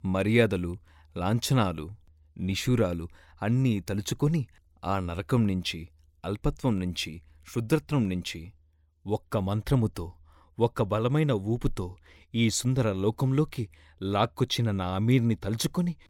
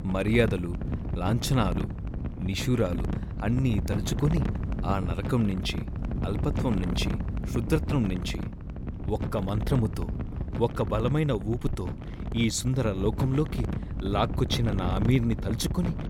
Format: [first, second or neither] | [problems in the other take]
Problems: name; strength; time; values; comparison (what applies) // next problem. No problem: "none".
first | wind noise on the microphone; heavy; 9 dB below the speech